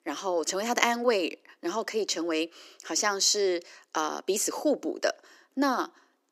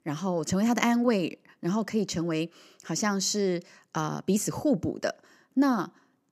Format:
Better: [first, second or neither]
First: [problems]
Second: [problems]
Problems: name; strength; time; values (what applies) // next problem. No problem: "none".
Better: second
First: thin; somewhat; fading below 300 Hz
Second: none